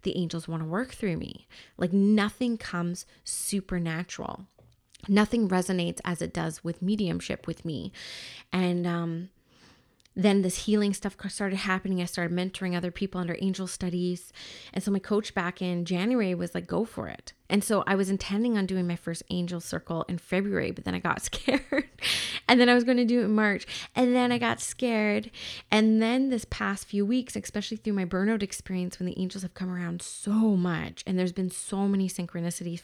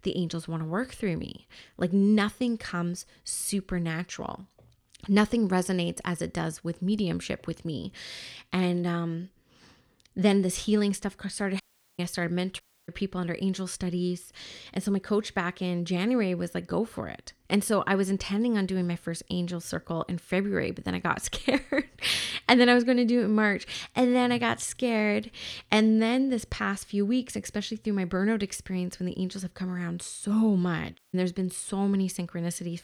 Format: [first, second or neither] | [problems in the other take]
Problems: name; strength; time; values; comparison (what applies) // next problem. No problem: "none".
first | audio cutting out; at 12 s, at 13 s and at 31 s